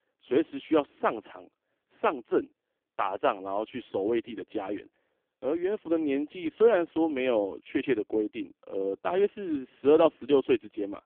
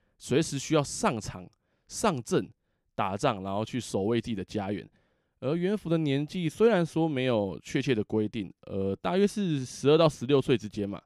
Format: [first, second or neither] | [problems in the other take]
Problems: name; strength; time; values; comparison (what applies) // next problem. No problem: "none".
second | phone-call audio; poor line; nothing above 3.5 kHz